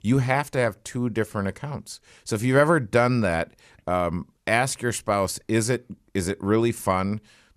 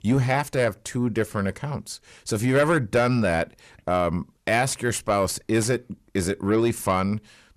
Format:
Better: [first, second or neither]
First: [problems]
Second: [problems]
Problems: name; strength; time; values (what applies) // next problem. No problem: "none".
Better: first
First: none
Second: distortion; slight; 10 dB below the speech